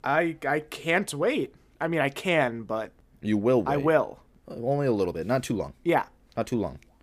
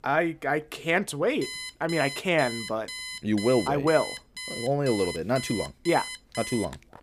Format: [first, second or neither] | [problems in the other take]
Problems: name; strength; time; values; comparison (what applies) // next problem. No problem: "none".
first | alarm; noticeable; from 1.5 s on; peak 8 dB below the speech